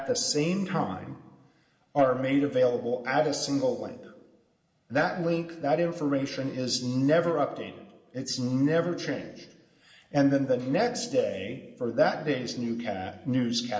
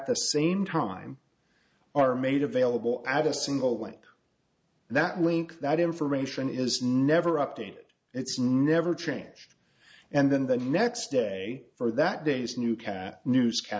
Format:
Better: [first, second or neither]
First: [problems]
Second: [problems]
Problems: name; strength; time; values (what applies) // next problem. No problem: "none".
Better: second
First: room echo; dies away in 1.1 s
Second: none